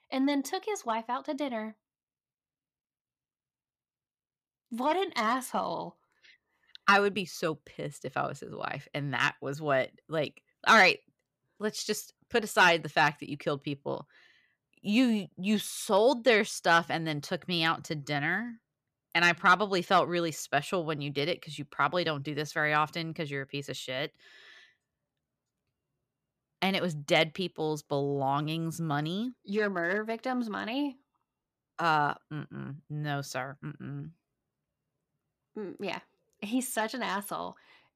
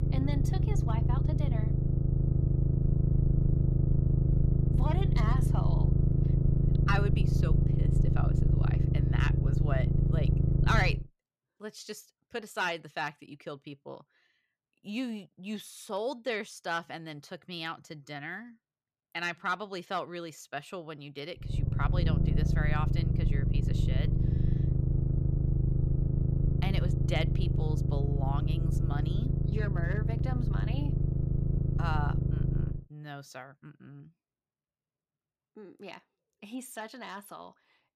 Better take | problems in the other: first | low rumble; loud; until 11 s and from 21 to 33 s; 2 dB below the speech

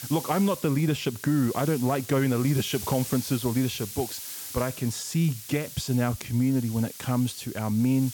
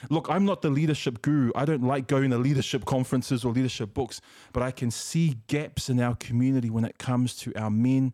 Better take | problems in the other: second | hiss; noticeable; throughout; 10 dB below the speech

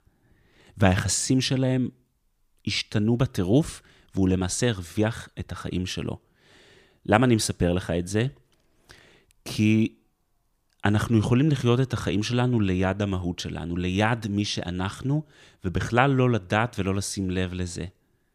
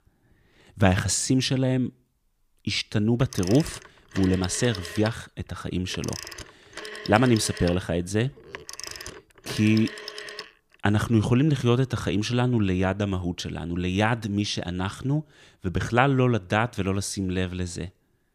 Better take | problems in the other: first | phone ringing; faint; from 3 to 10 s; peak 10 dB below the speech

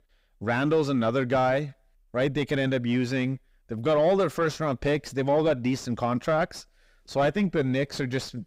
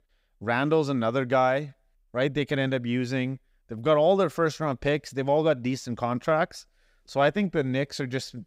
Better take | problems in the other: second | distortion; slight; 10 dB below the speech

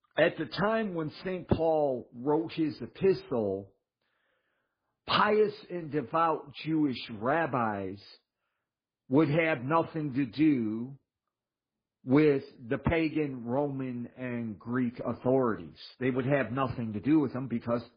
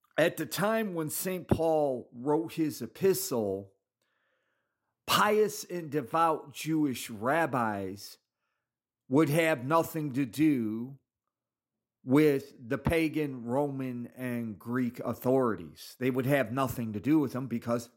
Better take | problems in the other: second | garbled, watery; badly

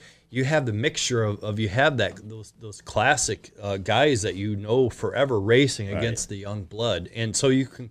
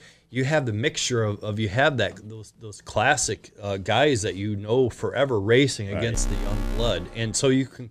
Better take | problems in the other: first | alarm; noticeable; from 6 to 7.5 s; peak 7 dB below the speech

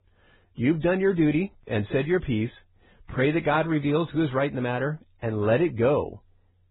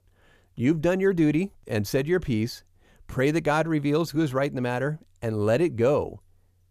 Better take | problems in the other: second | garbled, watery; badly; nothing above 4 kHz

